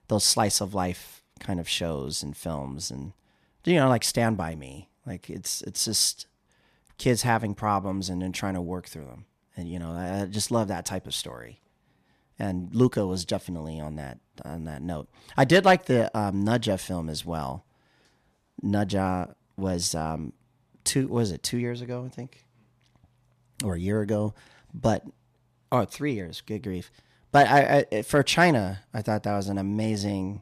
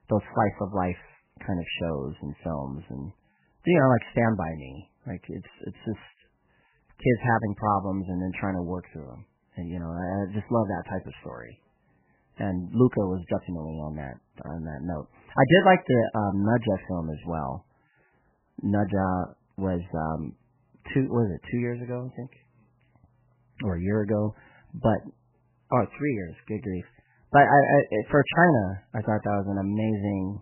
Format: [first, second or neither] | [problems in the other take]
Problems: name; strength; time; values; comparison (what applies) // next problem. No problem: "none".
first | garbled, watery; badly; nothing above 3 kHz